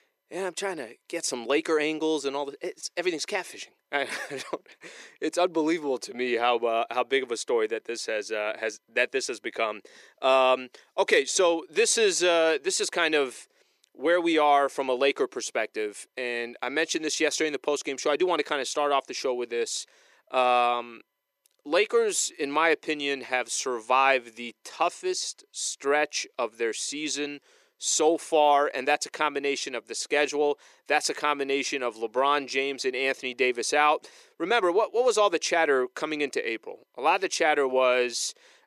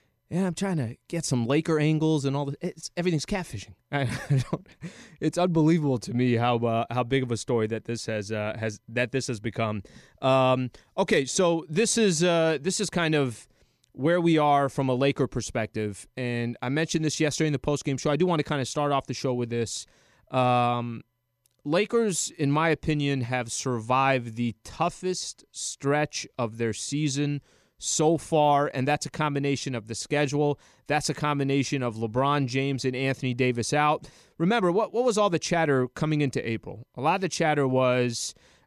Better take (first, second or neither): second